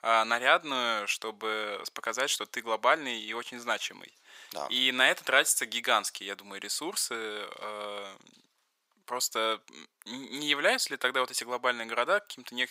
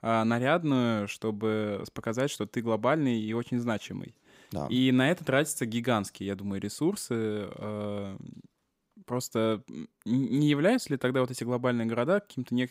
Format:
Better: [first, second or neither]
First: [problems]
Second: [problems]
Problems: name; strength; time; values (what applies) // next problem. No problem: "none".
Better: second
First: thin; very; fading below 950 Hz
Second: none